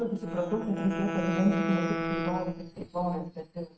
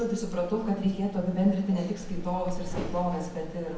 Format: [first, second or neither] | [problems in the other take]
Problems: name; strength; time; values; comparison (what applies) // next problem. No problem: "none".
second | noise reduction (neural mask model RNNoise)